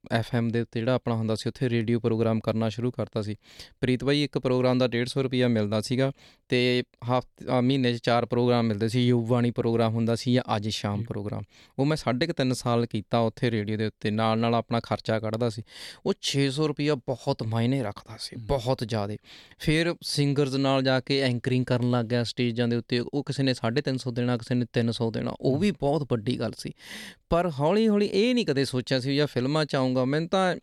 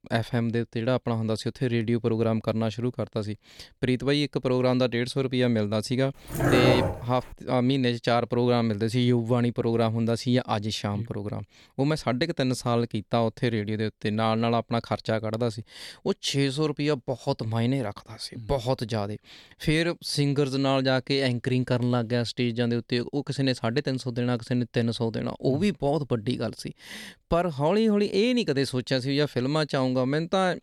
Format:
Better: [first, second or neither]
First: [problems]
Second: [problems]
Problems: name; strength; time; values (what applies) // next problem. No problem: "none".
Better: first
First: none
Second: dog barking; loud; from 6.5 to 7.5 s; peak 4 dB above the speech